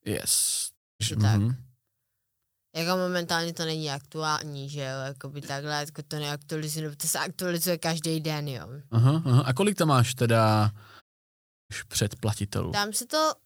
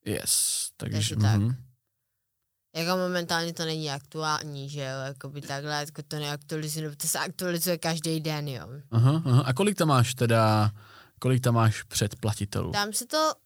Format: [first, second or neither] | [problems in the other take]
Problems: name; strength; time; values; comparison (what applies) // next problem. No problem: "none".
second | audio cutting out; at 1 s and at 11 s for 0.5 s